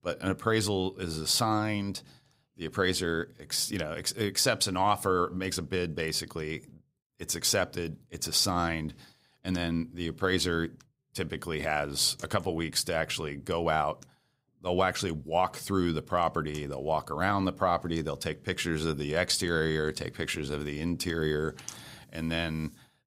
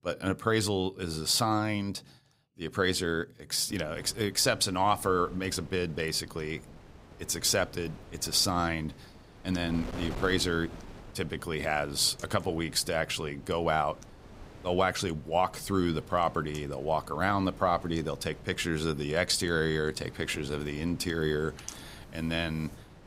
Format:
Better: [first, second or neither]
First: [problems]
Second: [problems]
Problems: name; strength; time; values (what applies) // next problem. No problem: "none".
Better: first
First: none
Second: wind noise on the microphone; occasional gusts; from 3.5 s on; 20 dB below the speech